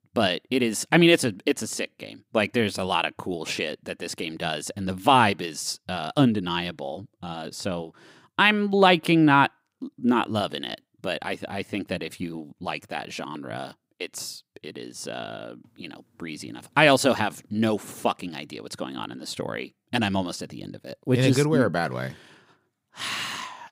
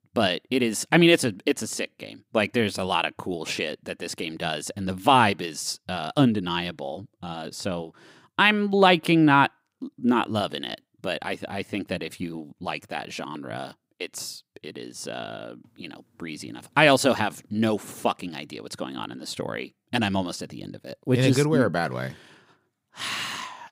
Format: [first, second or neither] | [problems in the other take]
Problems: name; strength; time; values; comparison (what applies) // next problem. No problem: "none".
neither | none